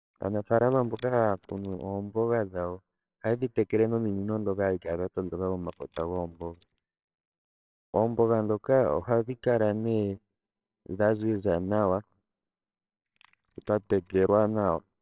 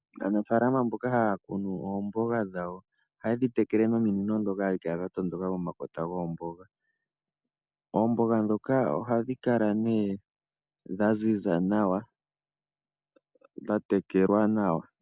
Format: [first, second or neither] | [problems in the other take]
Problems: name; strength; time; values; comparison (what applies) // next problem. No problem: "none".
second | noise reduction (neural separator model SepFormer WHAMR!)